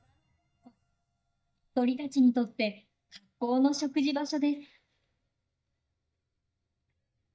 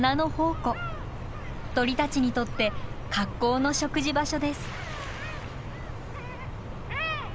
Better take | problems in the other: second | noise reduction (neural mask model DeepFilterNet 3)

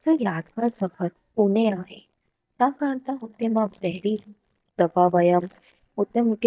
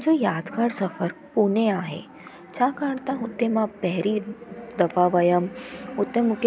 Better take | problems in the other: second | noise reduction (neural mask model DeepFilterNet 3)

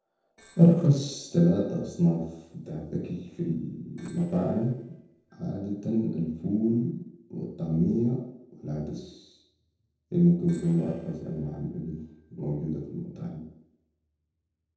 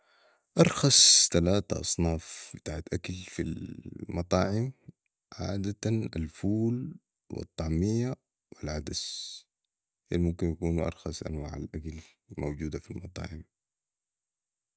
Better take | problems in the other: second | noise reduction (neural separator model SepFormer DNS4)

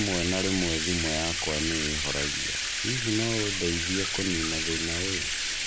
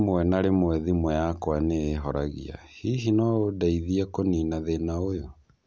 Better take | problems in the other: second | background sound (Bathtub (filling or washing)); 1 dB above the speech

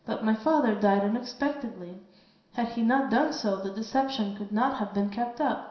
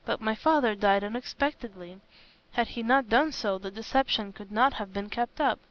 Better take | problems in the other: second | room echo; dies away in 0.7 s

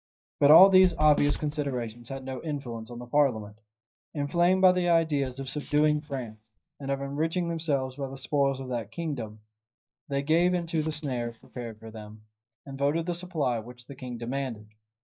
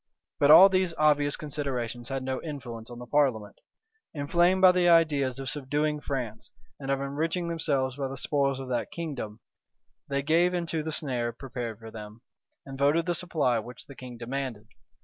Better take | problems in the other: second | noise reduction (neural mask model DeepFilterNet 3)

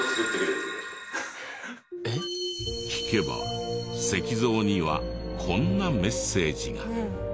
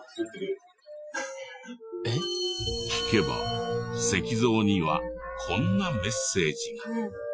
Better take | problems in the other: first | noise reduction (classical method Wiener filter)

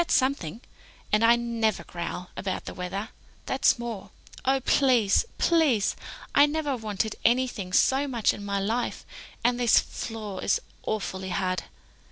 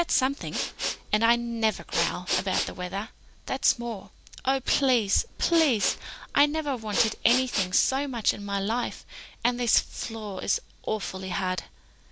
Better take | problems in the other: first | background sound (Respiratory sounds); 6 dB below the speech

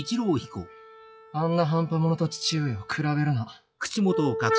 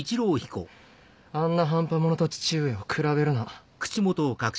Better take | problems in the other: second | noise reduction (classical method log-MMSE)

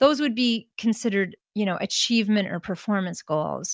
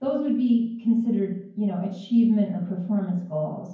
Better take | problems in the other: first | room echo; dies away in 0.9 s

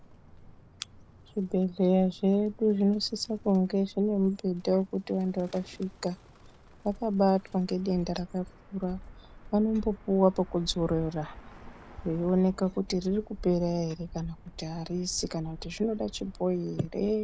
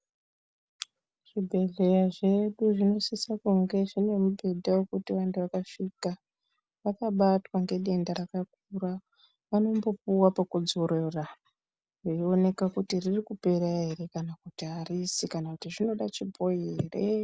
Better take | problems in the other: second | background sound (Bird); 18 dB below the speech

